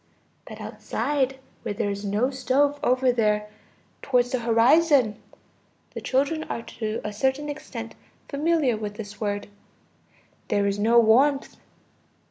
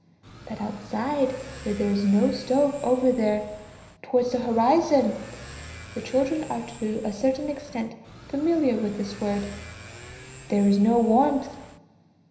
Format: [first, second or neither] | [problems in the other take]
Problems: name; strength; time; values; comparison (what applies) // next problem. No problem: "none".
first | background sound (Motorcycle / Accelerating, revving, vroom); 18 dB below the speech // room echo; dies away in 0.9 s